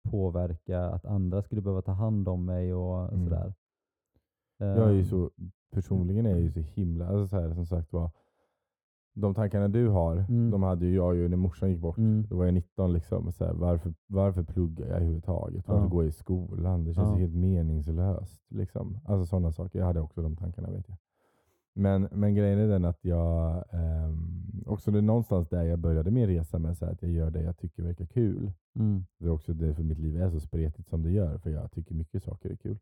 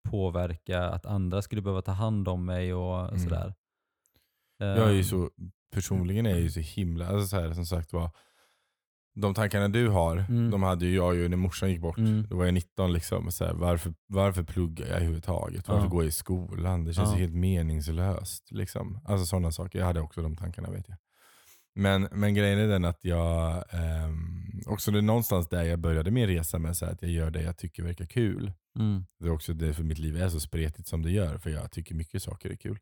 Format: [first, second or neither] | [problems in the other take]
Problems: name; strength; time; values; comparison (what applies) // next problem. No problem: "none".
second | muffled; very; fading above 1 kHz